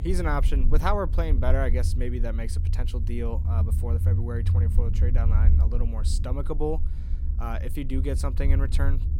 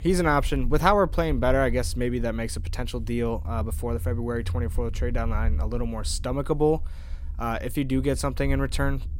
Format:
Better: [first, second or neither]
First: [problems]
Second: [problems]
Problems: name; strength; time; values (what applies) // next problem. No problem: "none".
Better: second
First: low rumble; loud; throughout; 10 dB below the speech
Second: low rumble; faint; throughout; 25 dB below the speech